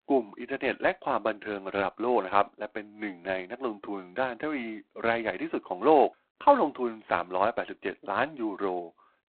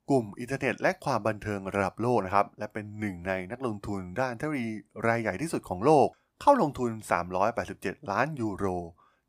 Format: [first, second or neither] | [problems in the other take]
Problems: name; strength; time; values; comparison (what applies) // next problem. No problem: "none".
second | phone-call audio; poor line; nothing above 4 kHz